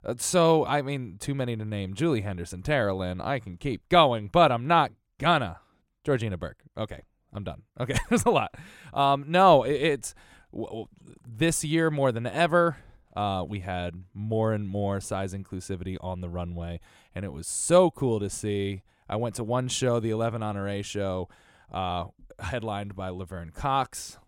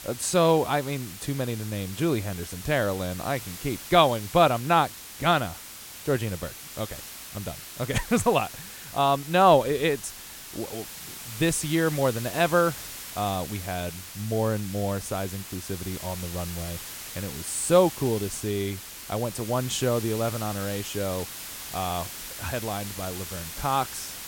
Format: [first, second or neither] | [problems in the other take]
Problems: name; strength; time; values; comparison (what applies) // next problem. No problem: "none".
first | hiss; noticeable; throughout; 10 dB below the speech